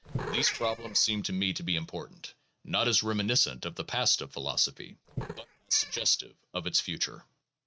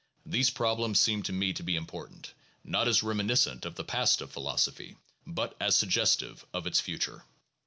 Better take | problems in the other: second | noise reduction (neural mask model RNNoise)

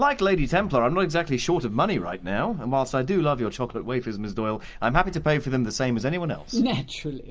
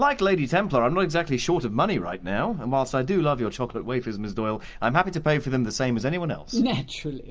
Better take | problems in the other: second | background sound (Breathing); 15 dB below the speech

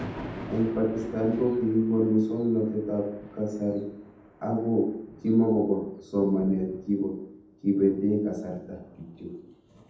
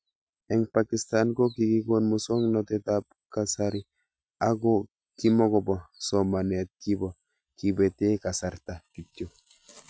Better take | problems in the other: second | background sound (Thunder); 17 dB below the speech // room echo; dies away in 0.8 s

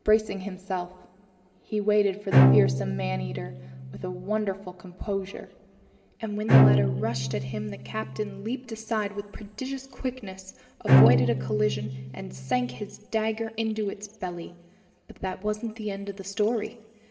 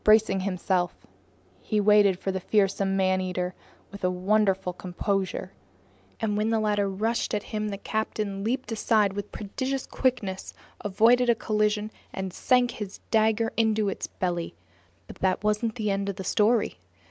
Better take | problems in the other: second | background sound (Bowed string instrument); 4 dB above the speech // room echo; dies away in 2.4 s

